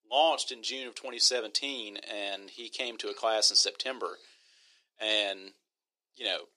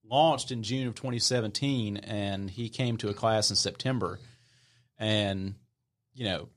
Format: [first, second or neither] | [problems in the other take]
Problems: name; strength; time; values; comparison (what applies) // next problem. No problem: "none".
second | thin; very; fading below 350 Hz